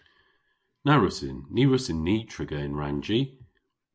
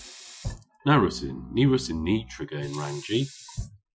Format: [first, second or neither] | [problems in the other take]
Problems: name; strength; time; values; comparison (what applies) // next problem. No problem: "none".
first | noise reduction (classical method Wiener filter)